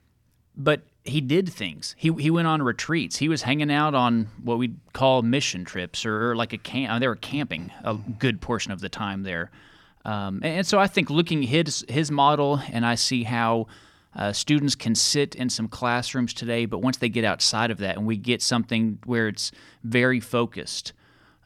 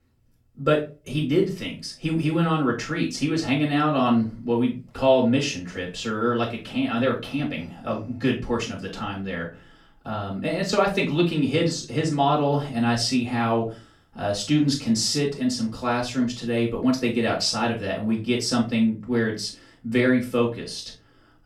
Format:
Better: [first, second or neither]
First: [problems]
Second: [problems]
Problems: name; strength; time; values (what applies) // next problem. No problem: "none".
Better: first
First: none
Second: off-mic speech; far // room echo; slight; dies away in 0.3 s